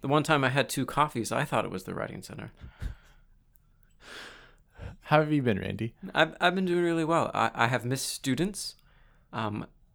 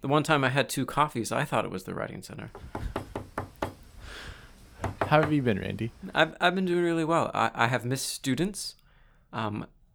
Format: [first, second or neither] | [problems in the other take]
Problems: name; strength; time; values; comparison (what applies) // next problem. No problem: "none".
first | door banging; noticeable; from 2.5 to 5.5 s; peak 5 dB below the speech